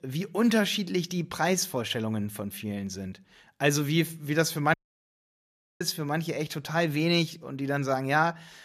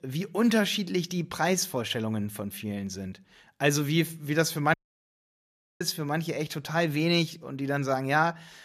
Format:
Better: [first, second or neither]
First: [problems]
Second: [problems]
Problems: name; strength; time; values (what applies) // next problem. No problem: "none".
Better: neither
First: audio cutting out; at 4.5 s for 1 s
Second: audio cutting out; at 4.5 s for 1 s